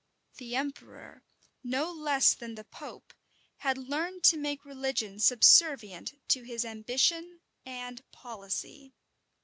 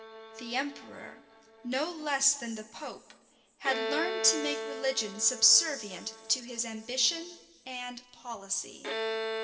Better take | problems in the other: first | background sound (Bowed string instrument); 8 dB below the speech // room echo; dies away in 1.3 s

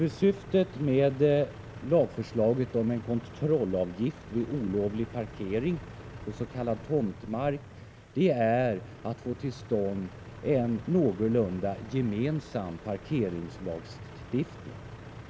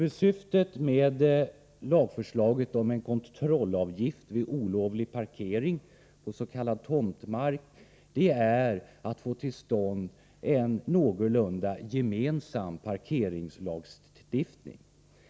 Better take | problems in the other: second | background sound (Truck + Truck); 15 dB below the speech

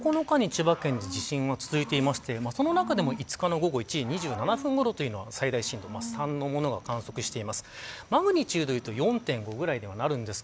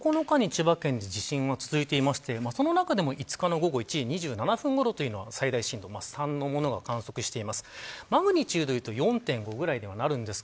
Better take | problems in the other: second | background sound (Cricket / Growling); 15 dB below the speech

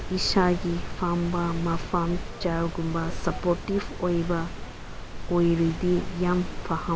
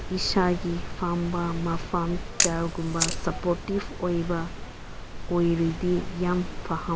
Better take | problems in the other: first | background sound (Camera); 5 dB below the speech

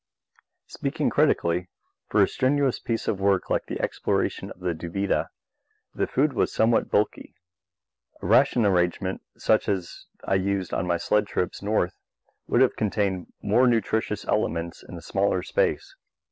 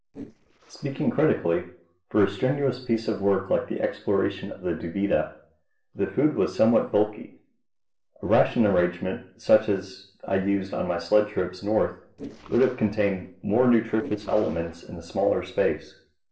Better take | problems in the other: first | noise reduction (neural separator model SepFormer DNS4)

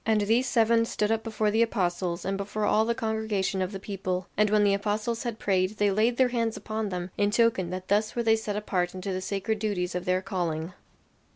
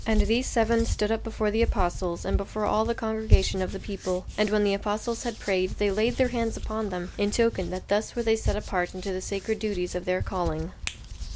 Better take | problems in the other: first | background sound (Hands); 4 dB below the speech

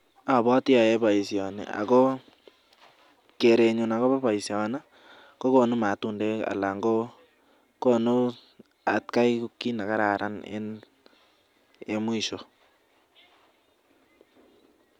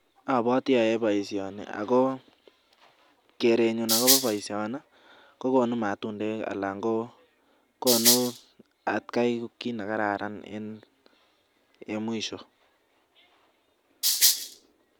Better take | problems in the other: first | background sound (Rattle (instrument)); 5 dB above the speech

